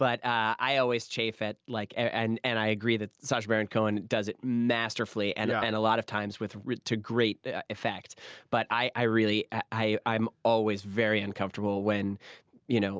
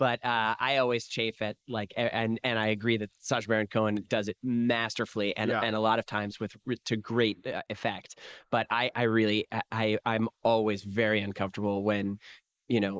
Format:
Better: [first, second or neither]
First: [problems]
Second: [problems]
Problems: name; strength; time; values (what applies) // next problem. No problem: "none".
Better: first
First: none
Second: noise reduction (neural mask model Resemble Enhance denoiser)